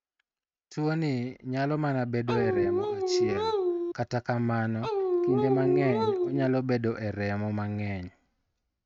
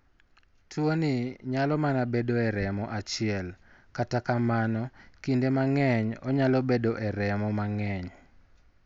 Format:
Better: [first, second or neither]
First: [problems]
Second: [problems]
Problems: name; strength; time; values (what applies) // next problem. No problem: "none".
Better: second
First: noise reduction (neural mask model RNNoise)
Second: none